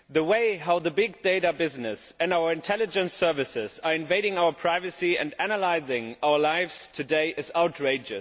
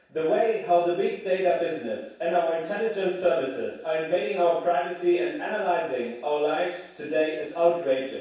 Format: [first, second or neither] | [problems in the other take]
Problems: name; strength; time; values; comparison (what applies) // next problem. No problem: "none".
first | room echo; dies away in 0.7 s